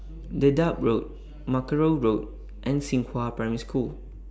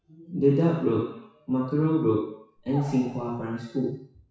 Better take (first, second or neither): first